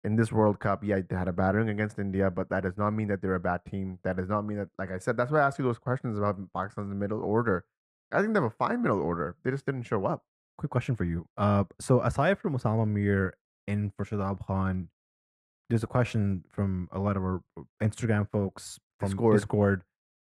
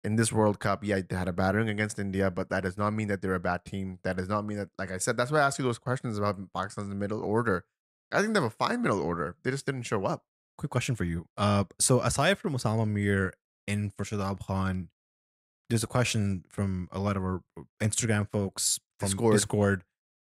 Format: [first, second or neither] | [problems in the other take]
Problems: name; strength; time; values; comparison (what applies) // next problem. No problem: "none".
second | muffled; very; fading above 2.5 kHz